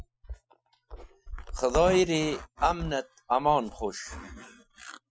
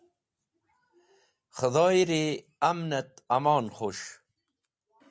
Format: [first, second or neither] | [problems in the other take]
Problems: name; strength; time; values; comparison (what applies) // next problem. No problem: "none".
second | noise reduction (classical method Wiener filter)